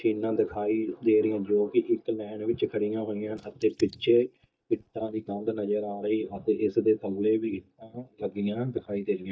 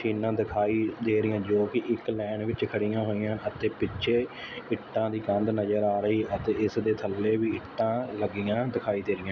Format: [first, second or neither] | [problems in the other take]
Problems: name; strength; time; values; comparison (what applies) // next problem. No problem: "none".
second | noise reduction (neural mask model DeepFilterNet 3)